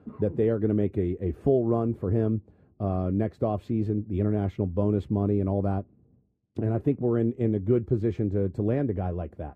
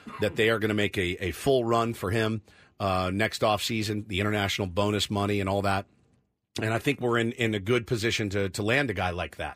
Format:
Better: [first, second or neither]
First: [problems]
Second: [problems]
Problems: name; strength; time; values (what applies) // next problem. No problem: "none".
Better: second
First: muffled; very; fading above 1 kHz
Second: none